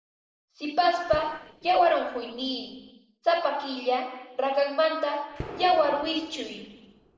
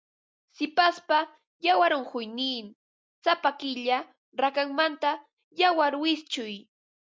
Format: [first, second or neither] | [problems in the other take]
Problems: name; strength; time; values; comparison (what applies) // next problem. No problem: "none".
second | noise reduction (neural separator model SepFormer DNS4)